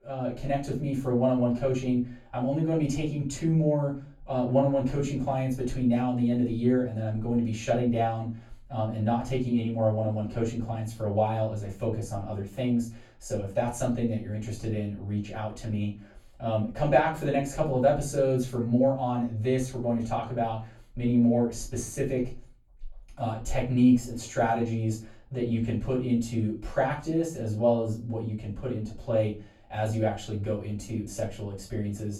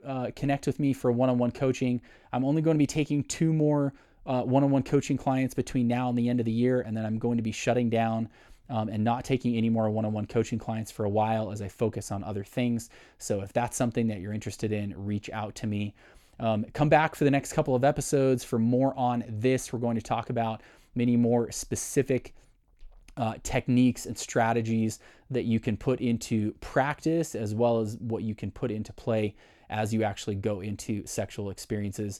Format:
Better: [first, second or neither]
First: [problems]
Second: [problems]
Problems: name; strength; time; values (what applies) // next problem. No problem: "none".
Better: second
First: off-mic speech; far // room echo; slight; dies away in 0.3 s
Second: none